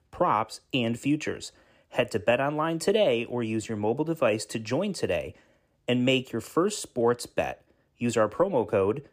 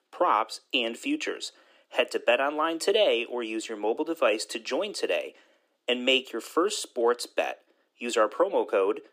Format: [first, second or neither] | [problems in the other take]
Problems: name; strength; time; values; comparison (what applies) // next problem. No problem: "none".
first | thin; somewhat; fading below 300 Hz